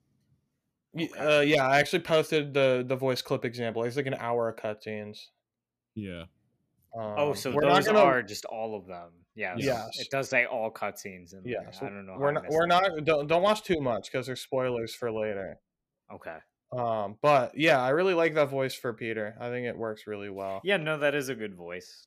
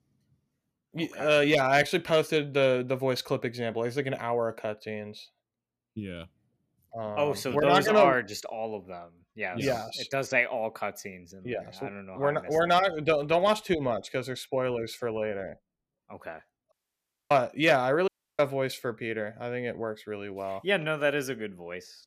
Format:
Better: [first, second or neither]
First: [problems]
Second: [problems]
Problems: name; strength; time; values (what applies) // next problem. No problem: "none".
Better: first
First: none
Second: audio cutting out; at 17 s for 0.5 s and at 18 s